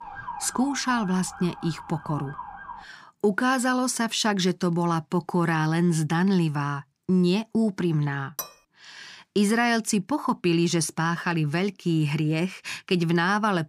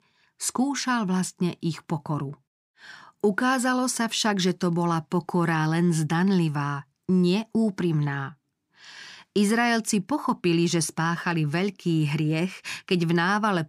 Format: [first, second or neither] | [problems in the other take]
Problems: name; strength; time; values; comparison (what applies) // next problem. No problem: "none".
second | siren; faint; until 3 s; peak 10 dB below the speech // clattering dishes; faint; at 8.5 s; peak 10 dB below the speech